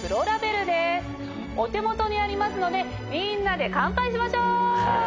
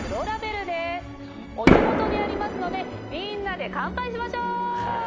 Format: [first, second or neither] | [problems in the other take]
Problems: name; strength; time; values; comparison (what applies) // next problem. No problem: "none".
first | background sound (Fireworks); 2 dB above the speech